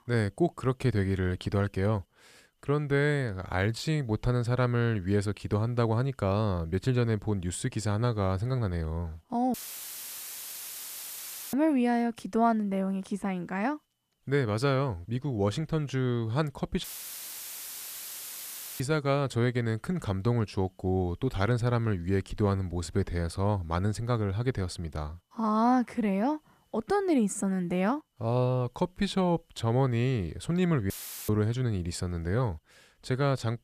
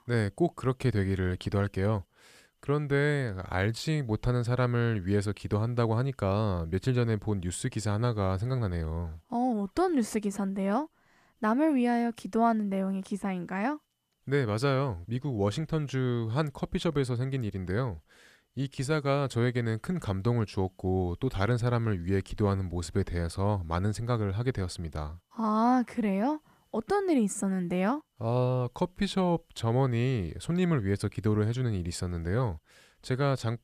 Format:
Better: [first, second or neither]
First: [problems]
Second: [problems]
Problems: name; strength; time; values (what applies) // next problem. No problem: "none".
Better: second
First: audio cutting out; filled with static; at 9.5 s for 2 s, at 17 s for 2 s and at 31 s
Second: none